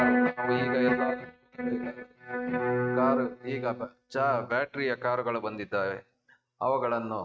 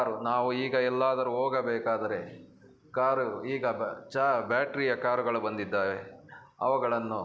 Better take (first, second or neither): second